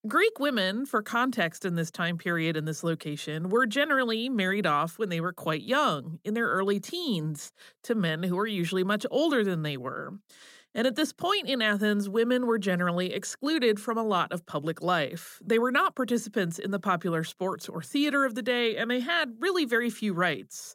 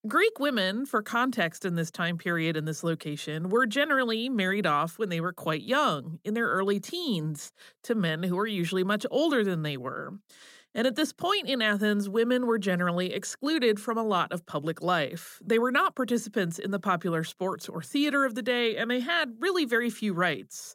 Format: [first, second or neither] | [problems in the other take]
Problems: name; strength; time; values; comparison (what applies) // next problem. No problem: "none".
neither | none